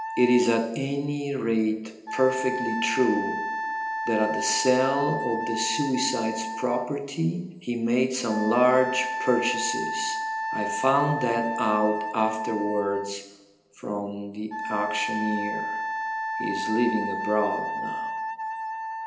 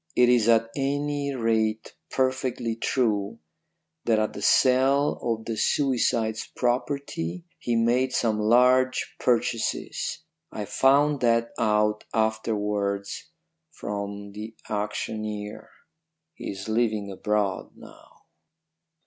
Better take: second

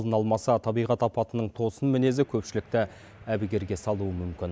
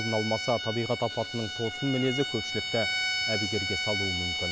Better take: first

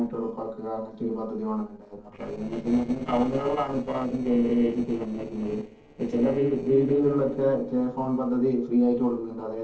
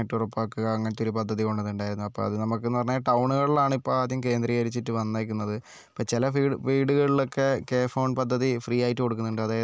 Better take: second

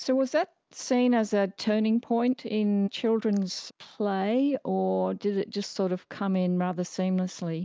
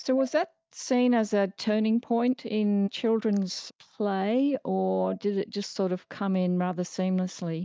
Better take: first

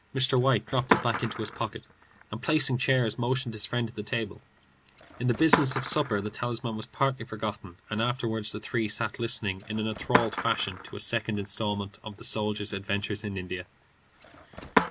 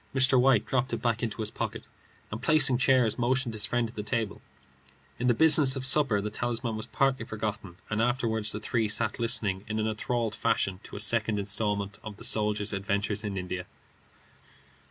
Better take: second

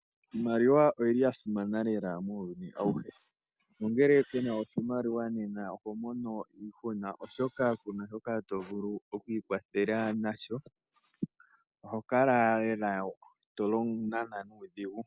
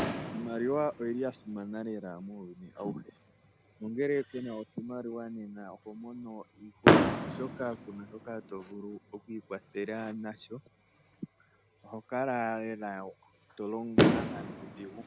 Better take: first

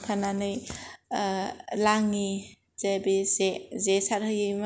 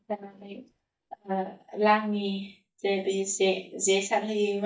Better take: first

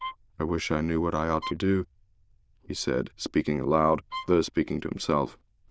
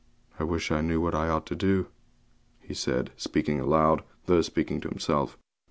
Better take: second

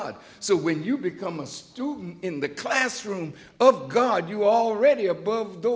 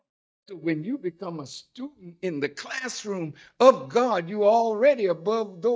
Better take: first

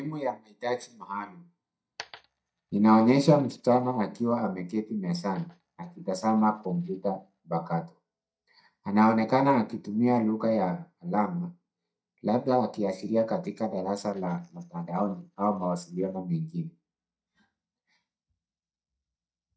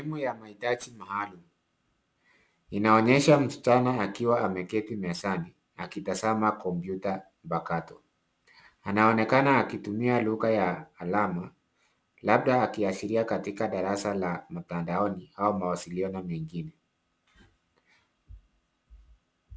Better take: second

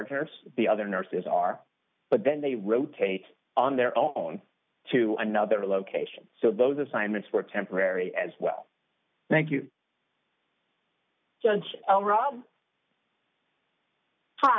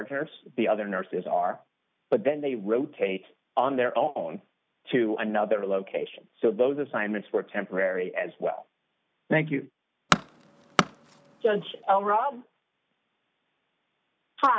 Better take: first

